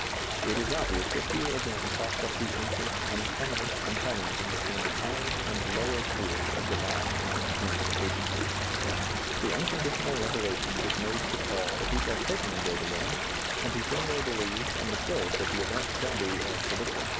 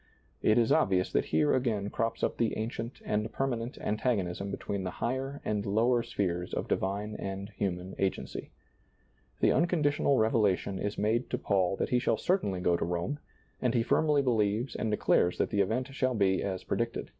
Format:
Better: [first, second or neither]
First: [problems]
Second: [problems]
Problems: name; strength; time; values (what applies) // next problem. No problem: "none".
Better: second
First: background sound (Stream); 5 dB above the speech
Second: none